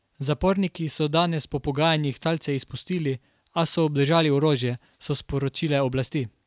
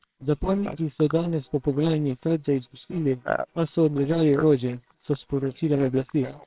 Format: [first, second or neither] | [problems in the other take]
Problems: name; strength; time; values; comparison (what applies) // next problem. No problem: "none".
first | noise reduction (neural separator model SepFormer WHAMR!)